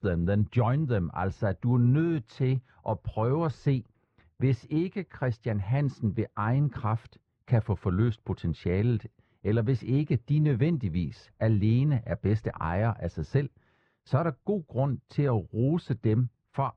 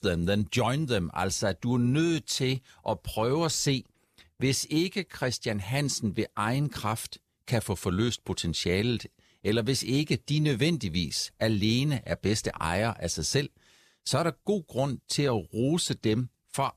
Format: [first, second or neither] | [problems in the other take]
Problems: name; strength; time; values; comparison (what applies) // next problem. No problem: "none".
second | muffled; very; fading above 1.5 kHz